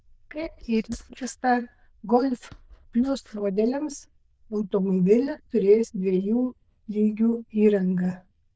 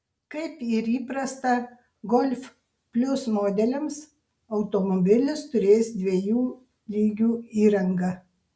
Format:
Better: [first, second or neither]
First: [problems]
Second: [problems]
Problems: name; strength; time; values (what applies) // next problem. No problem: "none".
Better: second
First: noise reduction (neural diffusion model UNIVERSE++)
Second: none